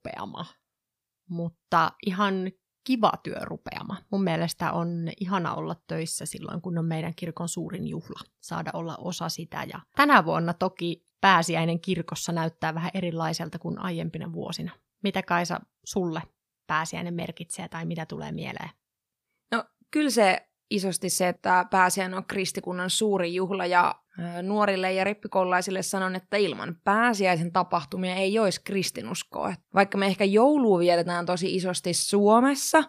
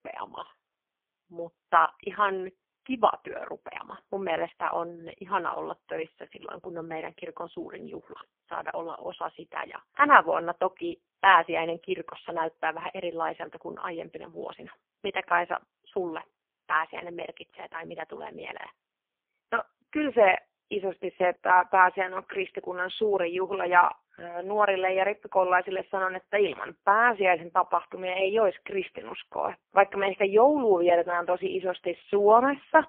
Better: first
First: none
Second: phone-call audio; poor line; nothing above 3 kHz

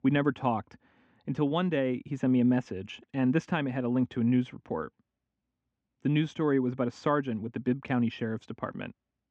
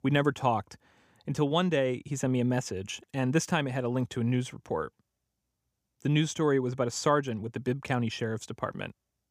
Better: second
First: muffled; slightly; fading above 2.5 kHz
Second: none

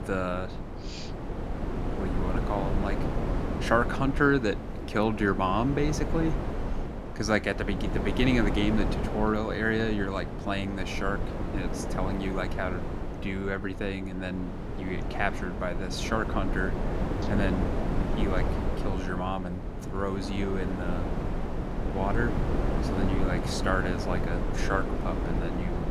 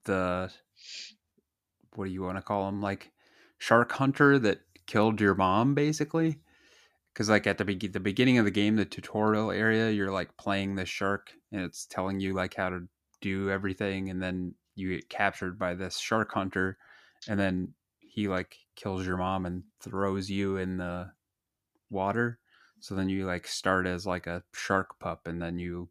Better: second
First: wind noise on the microphone; heavy; 6 dB below the speech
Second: none

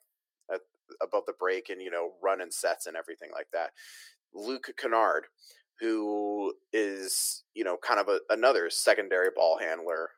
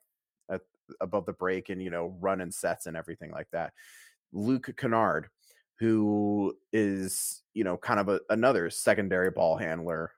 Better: second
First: thin; very; fading below 350 Hz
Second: none

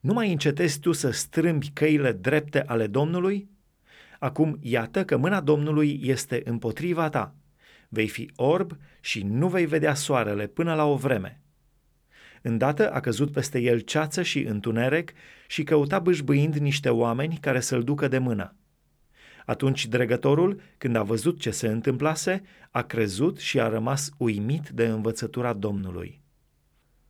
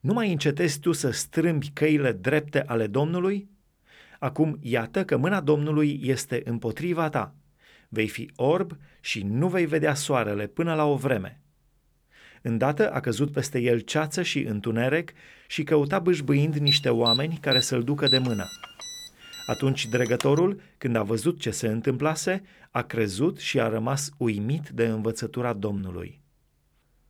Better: first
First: none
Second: alarm; loud; from 17 to 20 s; peak 3 dB above the speech

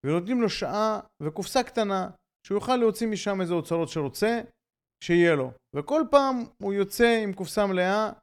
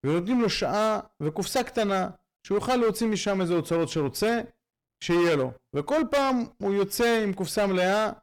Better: first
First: none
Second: distortion; heavy; 13% of the sound clipped

